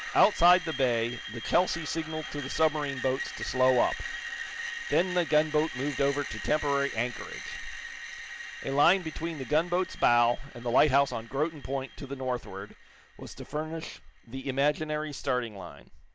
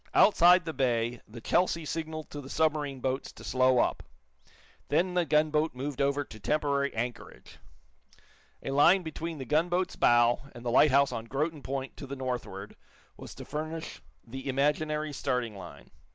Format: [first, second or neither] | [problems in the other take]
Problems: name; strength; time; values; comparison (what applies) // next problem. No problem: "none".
second | background sound (Screech); 12 dB below the speech